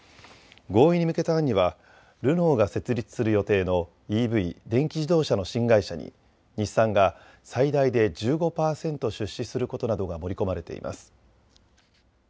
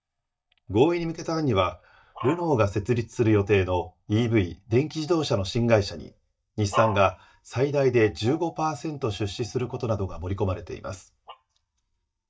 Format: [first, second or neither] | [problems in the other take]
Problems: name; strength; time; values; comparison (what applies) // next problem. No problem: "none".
first | noise reduction (neural mask model DeepFilterNet 3)